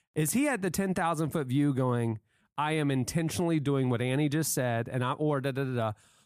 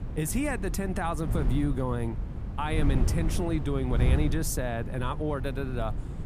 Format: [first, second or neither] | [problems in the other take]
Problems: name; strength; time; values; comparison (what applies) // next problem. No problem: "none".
first | wind noise on the microphone; occasional gusts; 10 dB below the speech